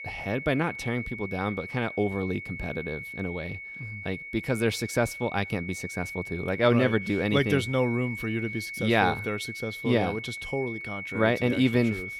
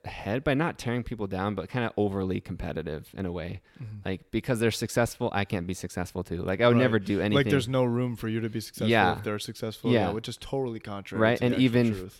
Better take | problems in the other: second | high-pitched whine; loud; throughout; 2 kHz, 8 dB below the speech

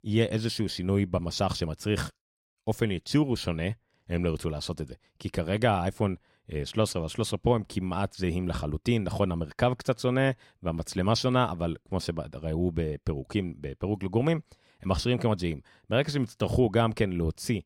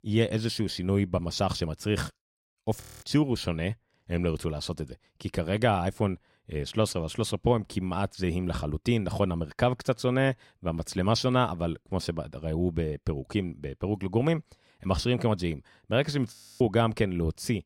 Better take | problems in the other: first | audio freezing; at 3 s and at 16 s

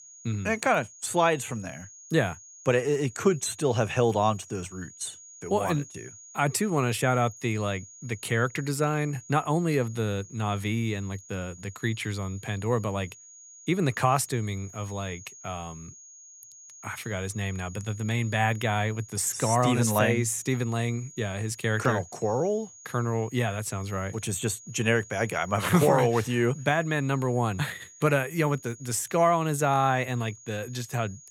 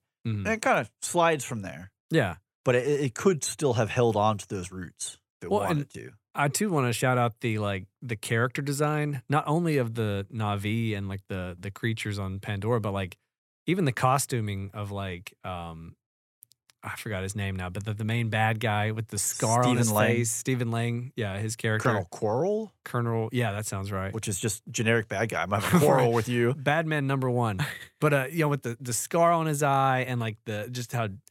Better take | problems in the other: second | high-pitched whine; noticeable; throughout; 6.5 kHz, 20 dB below the speech

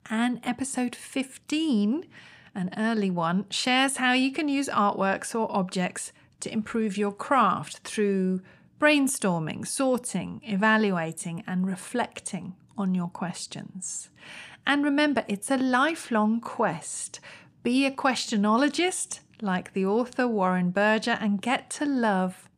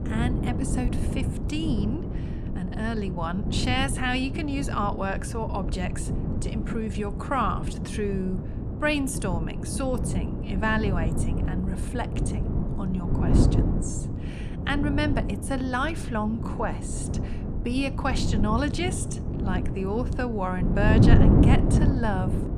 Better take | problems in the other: first | wind noise on the microphone; heavy; 5 dB below the speech

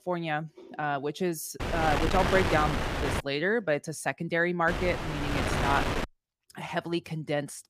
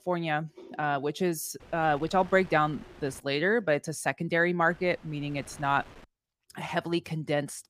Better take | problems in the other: second | wind noise on the microphone; heavy; from 1.5 to 3 s and from 4.5 to 6 s; 2 dB below the speech; occasional gusts in the second

